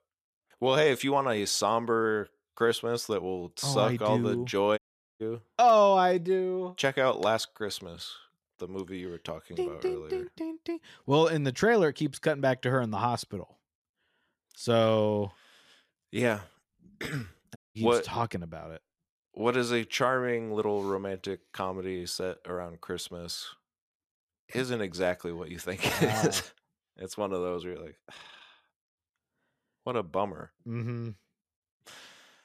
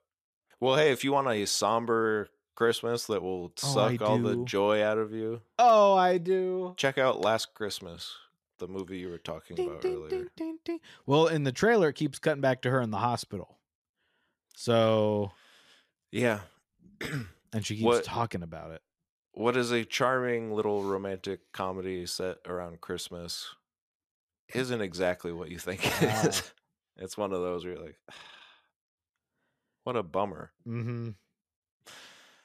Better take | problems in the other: second | audio cutting out; at 5 s and at 18 s

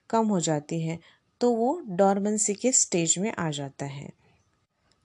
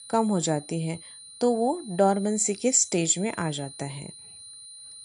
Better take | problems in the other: first | high-pitched whine; noticeable; throughout; 9.5 kHz, 15 dB below the speech

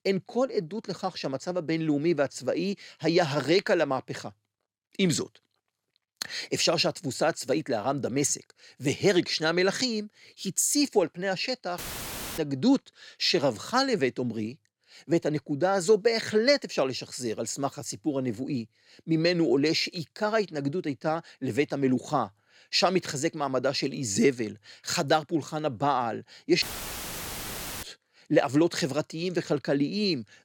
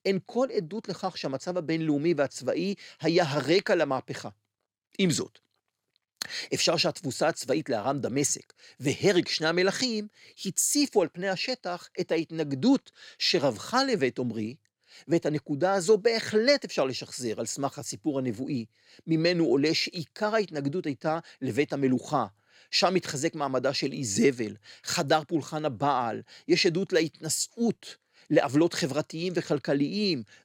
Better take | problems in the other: second | audio cutting out; filled with static; at 12 s for 0.5 s and at 27 s for 1 s

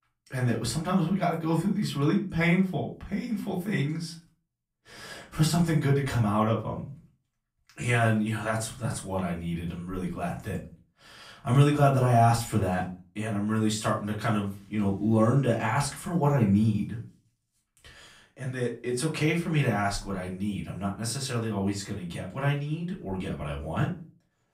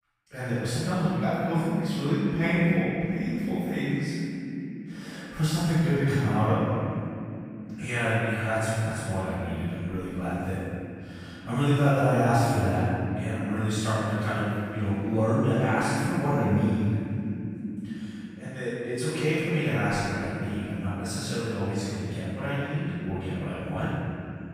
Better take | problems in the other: first | room echo; strong; dies away in 3 s; slight in the first // off-mic speech; far; far in the first

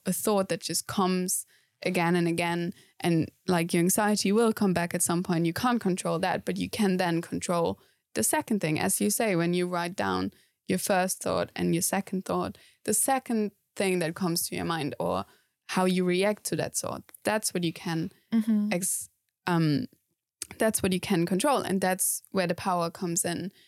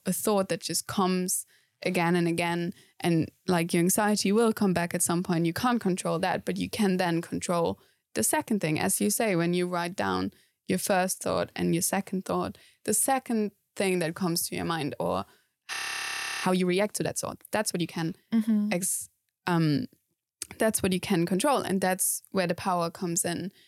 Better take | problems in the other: first | audio freezing; at 16 s for 0.5 s

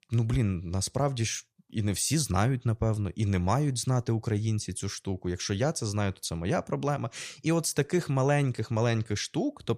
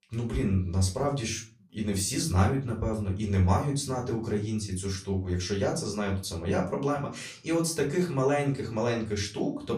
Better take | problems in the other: first | off-mic speech; far // room echo; very slight; dies away in 0.3 s

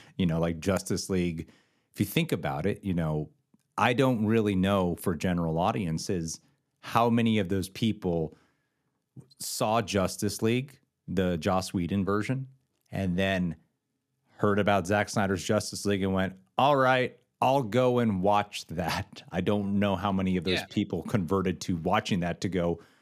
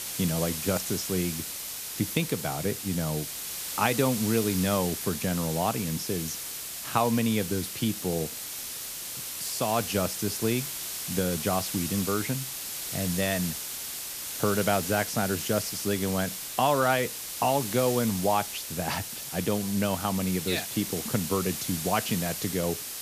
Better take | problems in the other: first | hiss; loud; throughout; 4 dB below the speech

